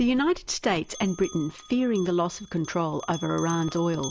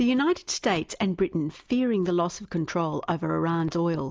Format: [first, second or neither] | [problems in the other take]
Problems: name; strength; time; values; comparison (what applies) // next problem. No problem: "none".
second | background sound (Bell); 18 dB below the speech